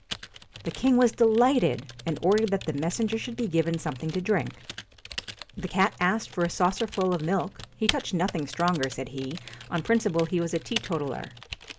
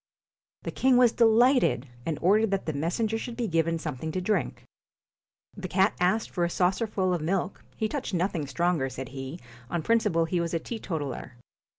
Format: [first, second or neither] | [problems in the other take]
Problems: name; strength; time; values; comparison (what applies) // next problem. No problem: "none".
second | background sound (Typing); 14 dB below the speech